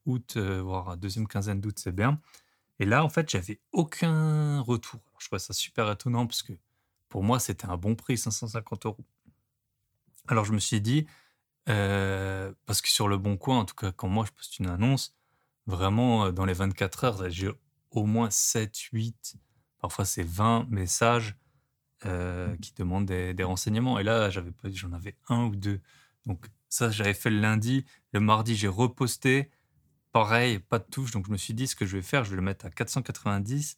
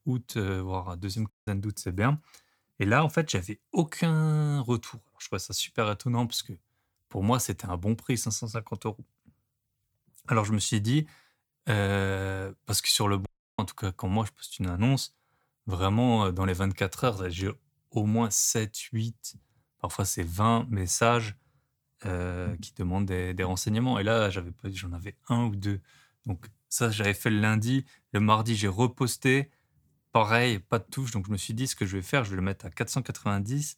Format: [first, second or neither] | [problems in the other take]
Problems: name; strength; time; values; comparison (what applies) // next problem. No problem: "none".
first | audio cutting out; at 1.5 s and at 13 s